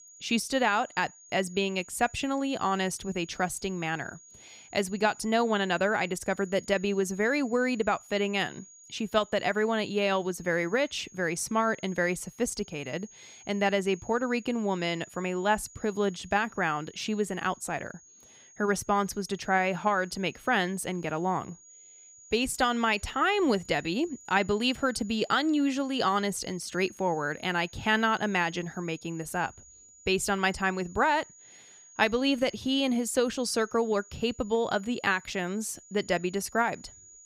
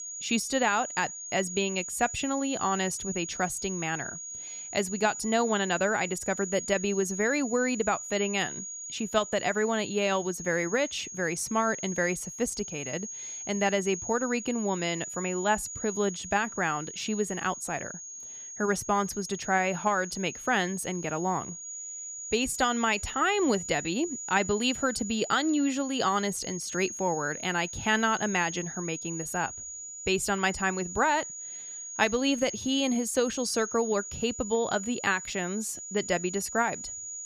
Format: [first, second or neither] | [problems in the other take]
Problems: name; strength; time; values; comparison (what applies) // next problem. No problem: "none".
first | high-pitched whine; loud; throughout; 6.5 kHz, 8 dB below the speech; faint in the first